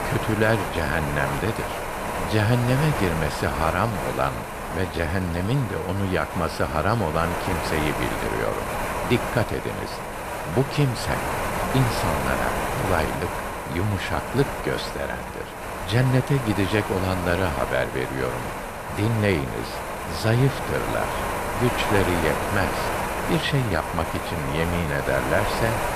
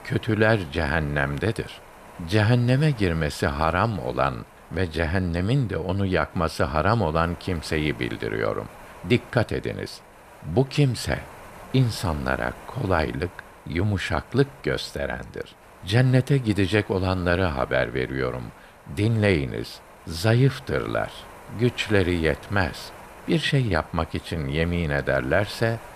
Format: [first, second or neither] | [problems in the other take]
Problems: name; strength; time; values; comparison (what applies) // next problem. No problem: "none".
second | wind noise on the microphone; heavy; 1 dB below the speech; occasional gusts in the second